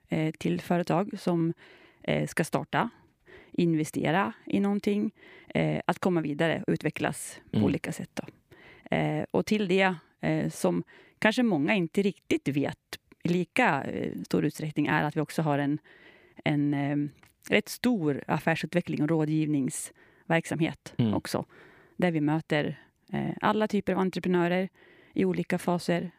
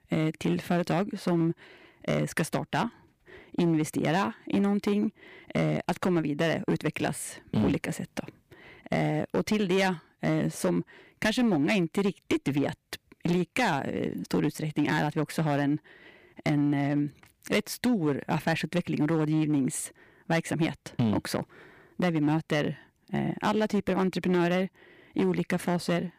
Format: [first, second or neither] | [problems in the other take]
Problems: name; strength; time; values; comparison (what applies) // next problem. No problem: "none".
first | distortion; slight; 6% of the sound clipped